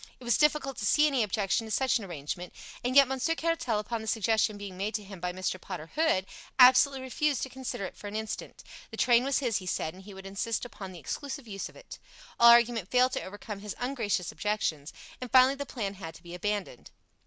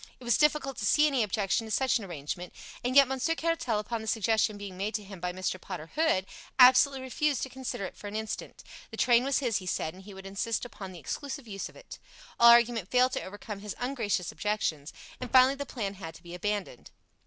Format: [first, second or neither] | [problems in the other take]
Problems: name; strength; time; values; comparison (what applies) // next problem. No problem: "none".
first | background sound (Slam); 19 dB below the speech